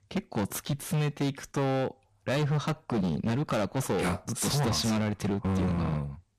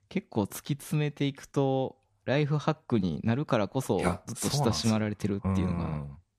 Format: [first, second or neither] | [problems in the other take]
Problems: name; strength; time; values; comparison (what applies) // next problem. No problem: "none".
second | distortion; heavy; 20% of the sound clipped